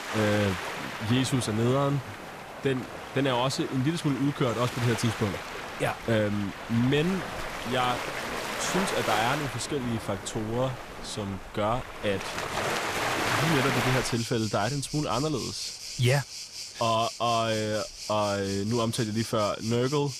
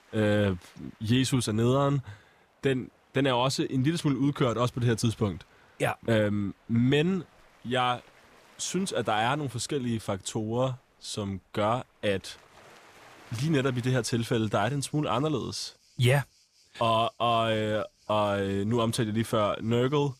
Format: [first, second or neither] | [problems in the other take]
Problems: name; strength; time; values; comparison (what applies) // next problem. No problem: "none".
second | rain or running water; loud; throughout; 5 dB below the speech; faint in the second